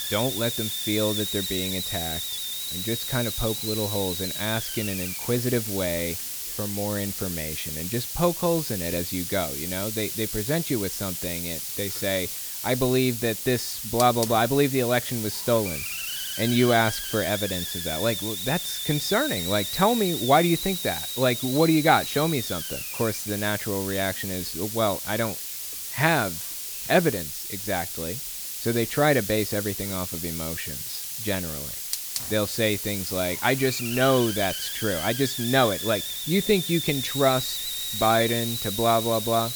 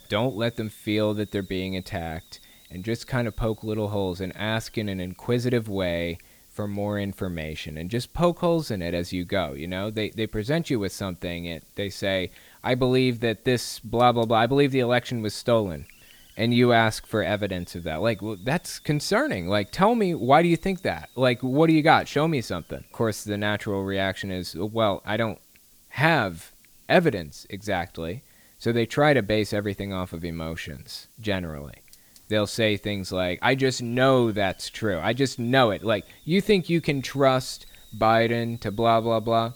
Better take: second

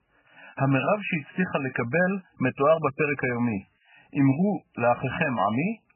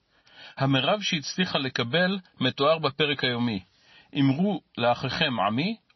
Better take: second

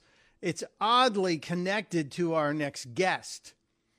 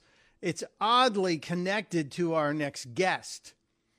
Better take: neither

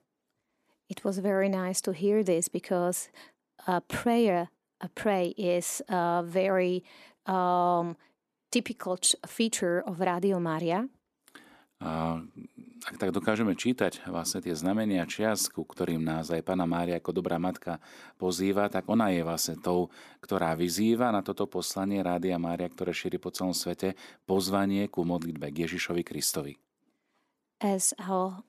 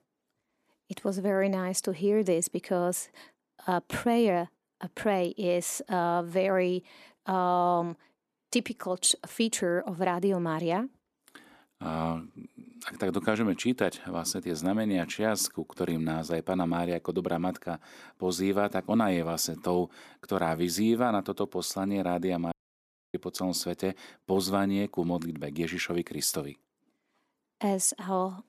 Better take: first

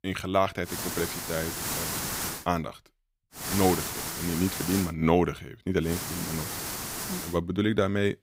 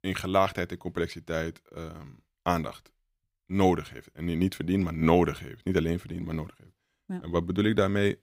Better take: second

